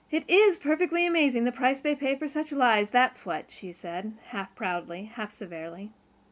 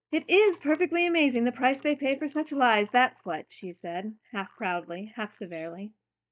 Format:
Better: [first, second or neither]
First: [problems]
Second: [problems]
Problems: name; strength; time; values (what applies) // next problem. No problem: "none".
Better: first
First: none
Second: noise reduction (neural mask model DeepFilterNet 3)